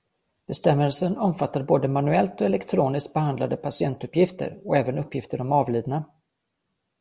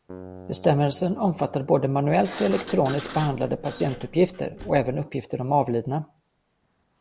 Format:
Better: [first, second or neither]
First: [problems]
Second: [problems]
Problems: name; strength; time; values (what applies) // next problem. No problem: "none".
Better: first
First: none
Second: background sound (Sliding door + Keyboard (musical)); 17 dB below the speech